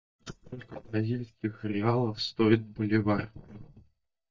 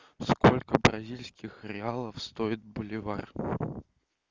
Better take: second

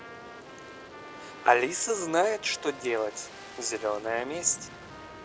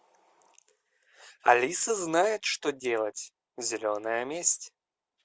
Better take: second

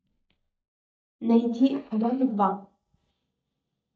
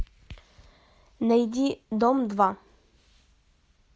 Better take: second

